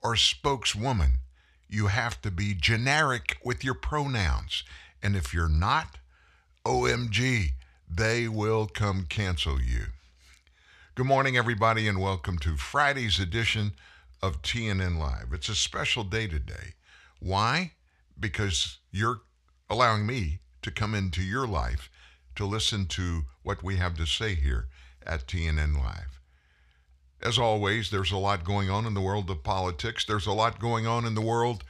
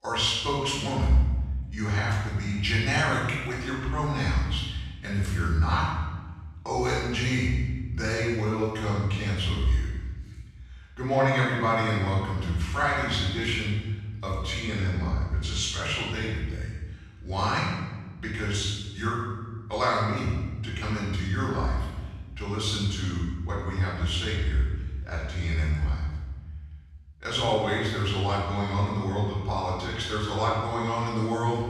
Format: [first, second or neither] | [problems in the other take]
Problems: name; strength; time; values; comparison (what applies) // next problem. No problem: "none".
first | off-mic speech; far // room echo; strong; dies away in 1.2 s